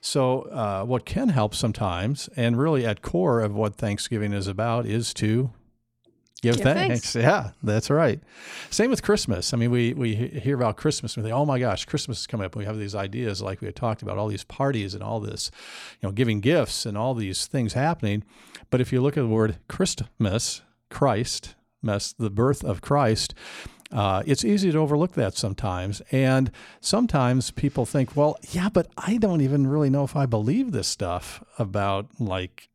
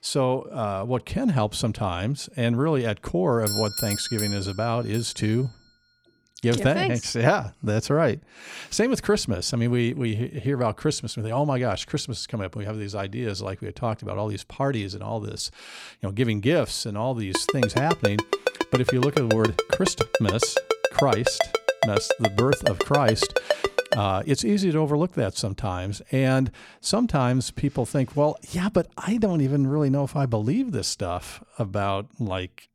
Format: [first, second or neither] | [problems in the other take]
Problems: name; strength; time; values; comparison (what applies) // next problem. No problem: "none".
first | doorbell; noticeable; from 3.5 to 5 s; peak 1 dB below the speech // phone ringing; loud; from 17 to 24 s; peak 1 dB above the speech